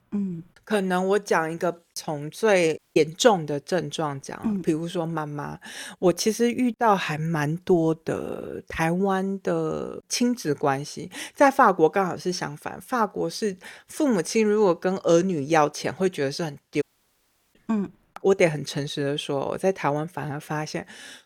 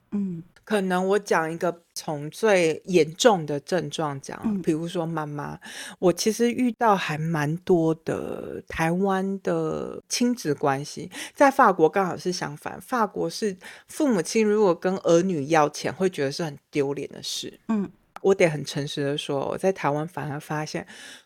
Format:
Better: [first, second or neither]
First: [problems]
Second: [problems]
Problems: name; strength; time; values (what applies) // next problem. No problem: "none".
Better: second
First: audio cutting out; at 3 s and at 17 s for 0.5 s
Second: none